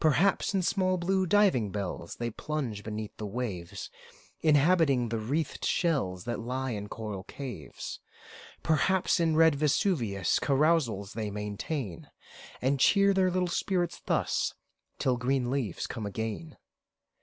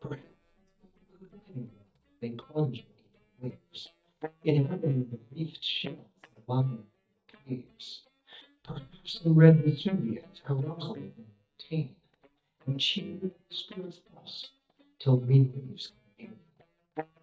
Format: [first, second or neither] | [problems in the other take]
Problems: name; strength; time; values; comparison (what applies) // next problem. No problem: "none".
first | noise reduction (neural mask model DeepFilterNet 3)